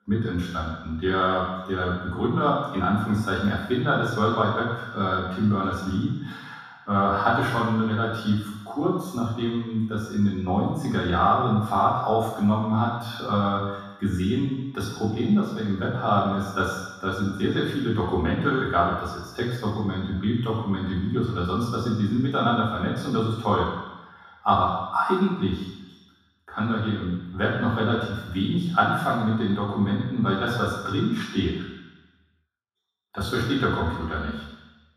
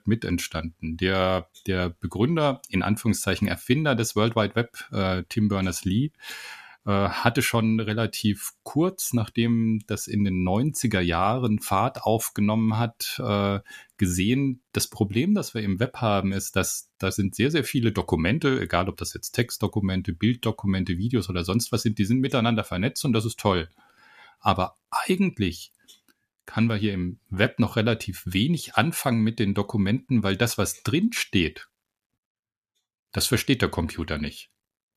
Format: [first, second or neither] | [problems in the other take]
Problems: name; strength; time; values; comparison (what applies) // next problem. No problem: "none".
second | room echo; strong; dies away in 1.2 s // off-mic speech; far